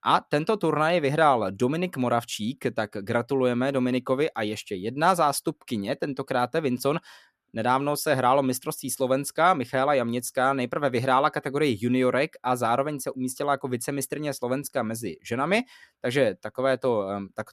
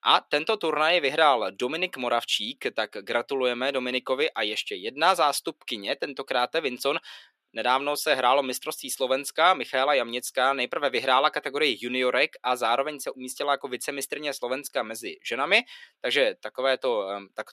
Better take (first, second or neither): first